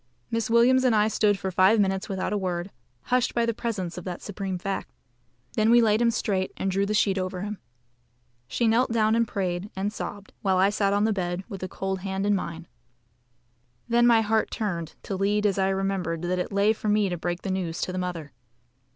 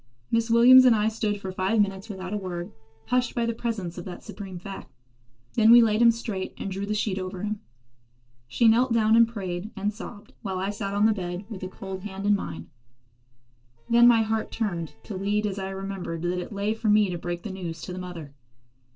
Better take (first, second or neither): first